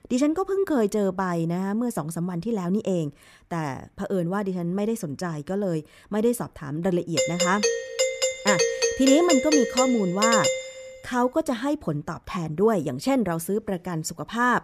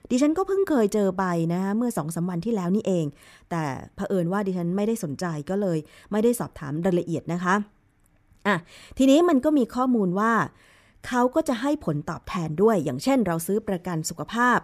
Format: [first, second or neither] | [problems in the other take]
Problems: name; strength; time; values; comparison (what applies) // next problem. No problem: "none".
second | doorbell; loud; from 7 to 11 s; peak 4 dB above the speech